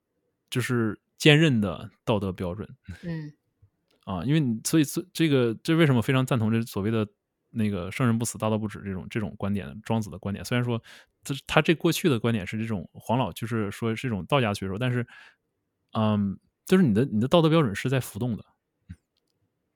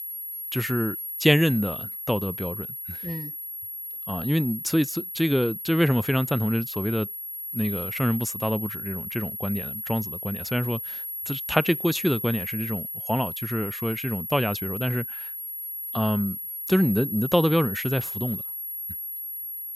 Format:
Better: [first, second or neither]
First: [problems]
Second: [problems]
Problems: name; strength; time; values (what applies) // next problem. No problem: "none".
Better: first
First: none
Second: high-pitched whine; loud; throughout; 11.5 kHz, 5 dB below the speech